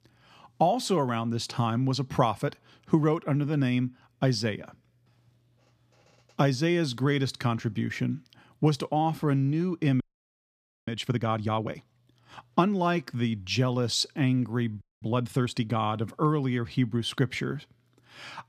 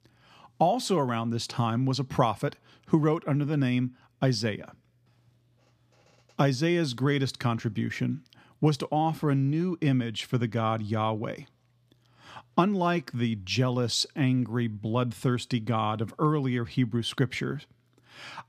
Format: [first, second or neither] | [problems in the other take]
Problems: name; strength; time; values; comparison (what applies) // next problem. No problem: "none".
second | audio freezing; at 10 s for 1 s and at 15 s